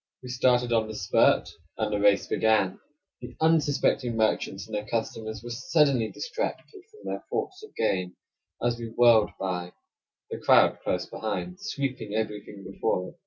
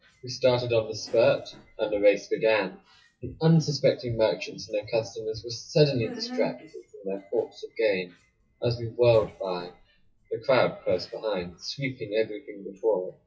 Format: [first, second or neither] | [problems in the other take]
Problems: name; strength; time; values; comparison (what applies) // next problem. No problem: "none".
first | noise reduction (classical method WPE with log-MMSE)